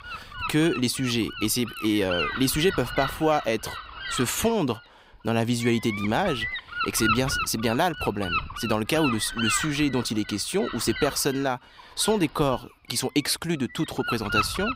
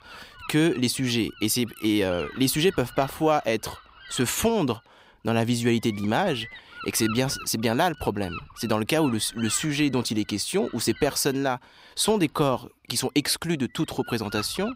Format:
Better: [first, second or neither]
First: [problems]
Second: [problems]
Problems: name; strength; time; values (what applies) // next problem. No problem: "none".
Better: second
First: wind noise on the microphone; heavy; 3 dB below the speech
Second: wind noise on the microphone; occasional gusts; 15 dB below the speech